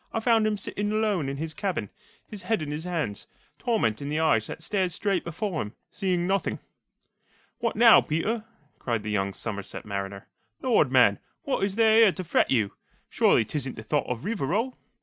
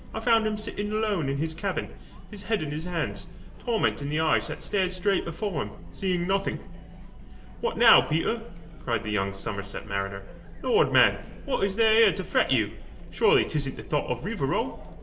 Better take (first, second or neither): first